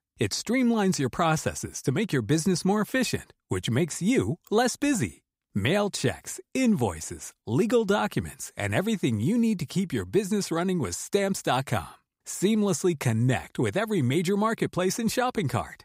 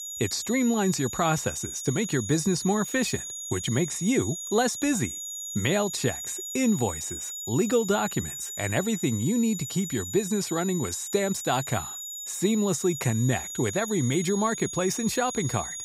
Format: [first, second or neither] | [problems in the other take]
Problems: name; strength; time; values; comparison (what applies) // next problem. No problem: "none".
first | high-pitched whine; loud; throughout; 7 kHz, 7 dB below the speech